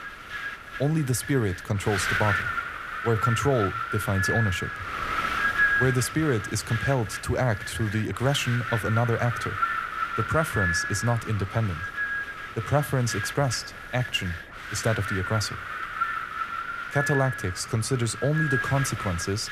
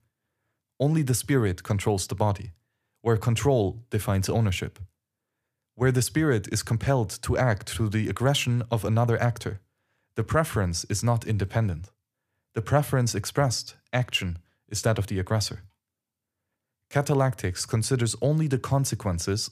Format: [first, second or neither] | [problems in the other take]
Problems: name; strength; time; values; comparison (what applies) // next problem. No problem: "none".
second | wind noise on the microphone; heavy; 2 dB above the speech